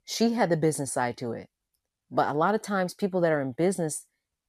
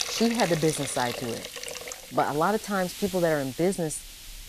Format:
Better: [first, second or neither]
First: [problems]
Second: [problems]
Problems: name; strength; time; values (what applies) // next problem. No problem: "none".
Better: first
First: none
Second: hiss; loud; throughout; 8 dB below the speech